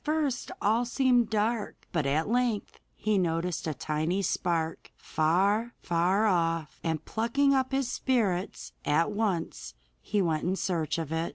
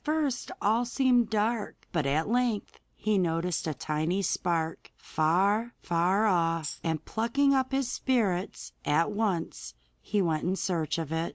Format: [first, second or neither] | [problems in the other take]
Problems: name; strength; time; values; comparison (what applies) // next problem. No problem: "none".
first | background sound (Tambourine); 12 dB below the speech